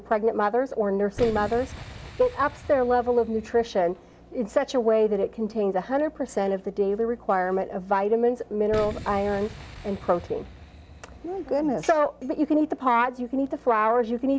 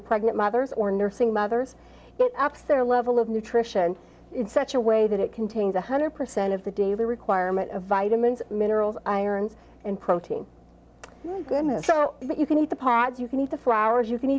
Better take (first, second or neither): second